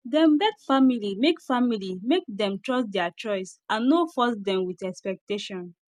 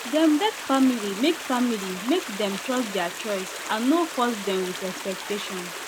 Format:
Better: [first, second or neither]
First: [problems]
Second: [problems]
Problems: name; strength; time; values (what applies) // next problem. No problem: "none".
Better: first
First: none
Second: background sound (Stream); 9 dB below the speech